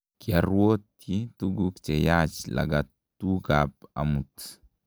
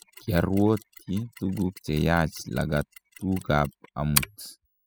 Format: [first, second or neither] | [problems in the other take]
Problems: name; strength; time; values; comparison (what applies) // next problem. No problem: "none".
first | noise reduction (classical method spectral subtraction)